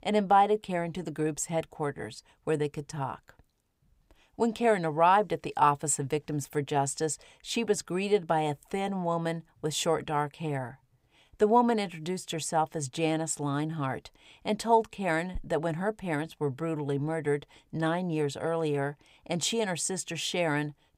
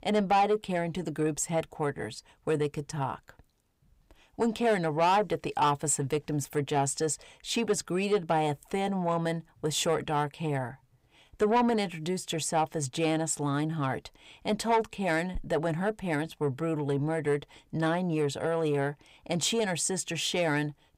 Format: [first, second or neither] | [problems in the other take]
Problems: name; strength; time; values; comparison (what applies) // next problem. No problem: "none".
first | distortion; slight; 10 dB below the speech